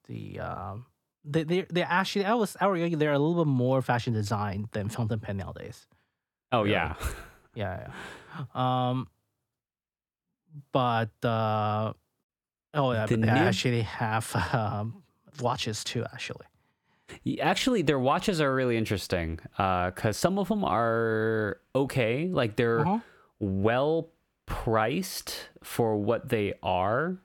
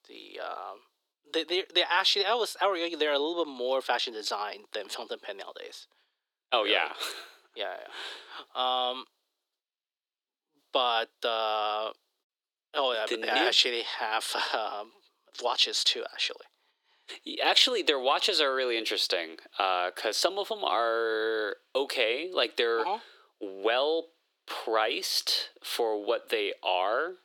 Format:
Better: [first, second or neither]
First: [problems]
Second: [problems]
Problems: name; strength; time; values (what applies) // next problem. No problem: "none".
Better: first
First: none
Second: thin; very; fading below 350 Hz